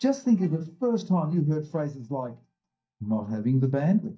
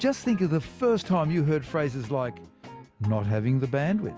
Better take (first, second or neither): second